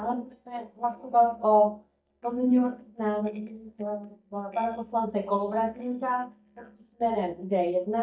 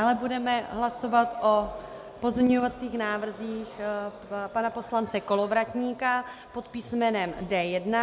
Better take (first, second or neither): second